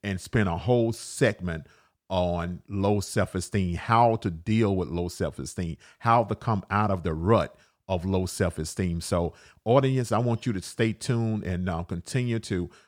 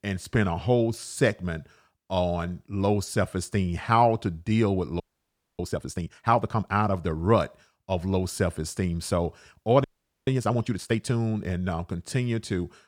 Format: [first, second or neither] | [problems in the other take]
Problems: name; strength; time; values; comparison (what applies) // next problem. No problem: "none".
first | audio freezing; at 5 s for 0.5 s and at 10 s